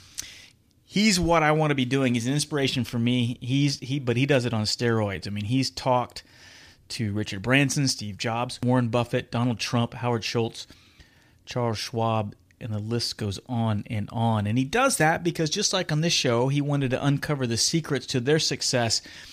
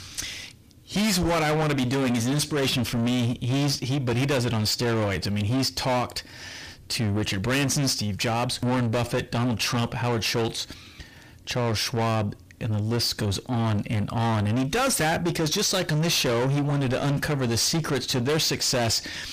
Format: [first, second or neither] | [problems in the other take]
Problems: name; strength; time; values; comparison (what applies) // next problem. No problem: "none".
first | distortion; heavy; 5 dB below the speech